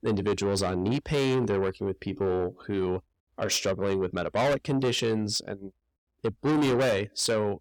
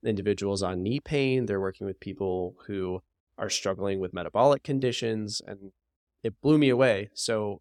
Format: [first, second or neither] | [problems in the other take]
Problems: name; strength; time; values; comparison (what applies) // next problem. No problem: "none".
second | distortion; heavy; 6 dB below the speech